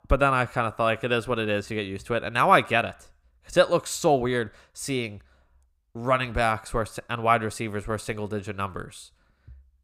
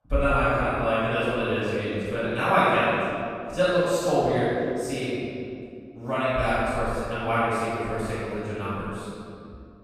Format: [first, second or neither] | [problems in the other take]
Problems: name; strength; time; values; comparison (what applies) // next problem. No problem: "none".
first | off-mic speech; far // room echo; strong; dies away in 2.3 s